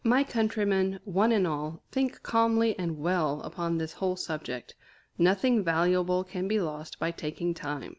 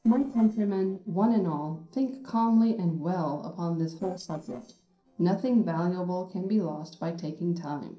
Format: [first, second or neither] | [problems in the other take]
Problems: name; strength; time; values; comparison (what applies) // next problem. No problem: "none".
first | noise reduction (neural separator model SepFormer DNS4)